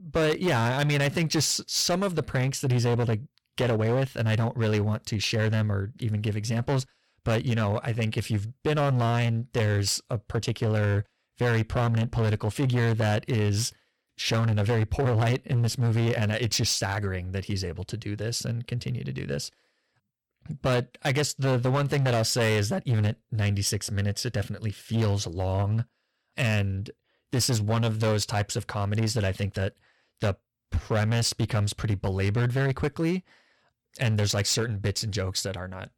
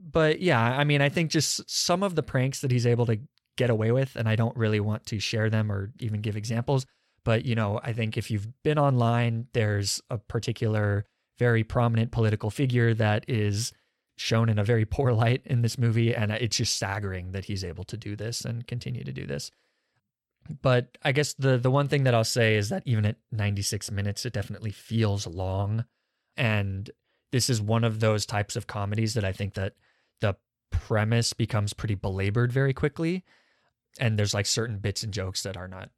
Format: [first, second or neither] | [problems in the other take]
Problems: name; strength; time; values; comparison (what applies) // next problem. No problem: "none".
second | distortion; slight; 12% of the sound clipped